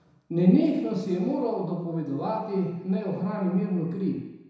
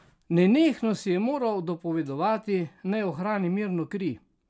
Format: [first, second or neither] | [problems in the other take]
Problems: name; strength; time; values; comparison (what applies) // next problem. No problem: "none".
second | room echo; dies away in 1 s